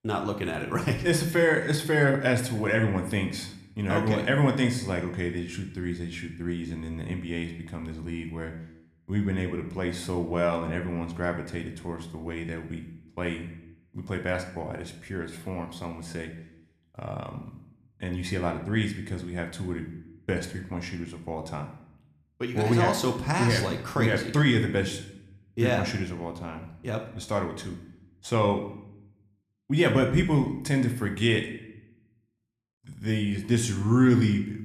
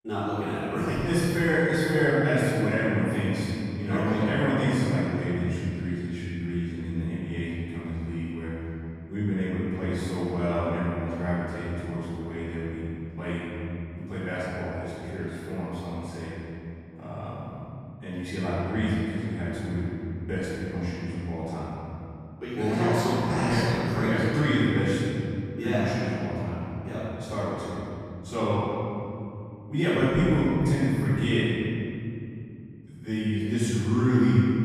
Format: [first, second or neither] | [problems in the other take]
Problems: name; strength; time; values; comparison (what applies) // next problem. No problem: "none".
first | room echo; strong; dies away in 3 s; slight in the first // off-mic speech; far